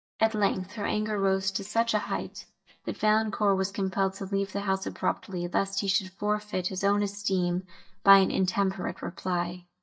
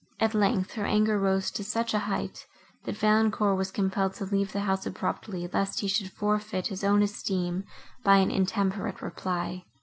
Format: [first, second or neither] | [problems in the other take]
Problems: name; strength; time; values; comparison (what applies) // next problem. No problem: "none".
second | noise reduction (neural mask model DeepFilterNet 3)